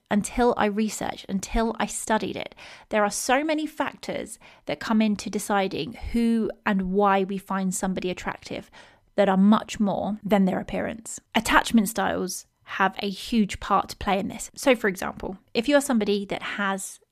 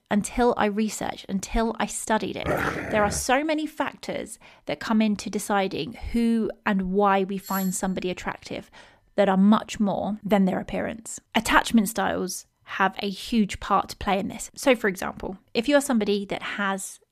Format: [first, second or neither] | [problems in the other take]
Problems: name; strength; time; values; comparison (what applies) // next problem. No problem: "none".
first | dog barking; noticeable; at 2.5 s; peak 1 dB below the speech // doorbell; faint; at 7.5 s; peak 10 dB below the speech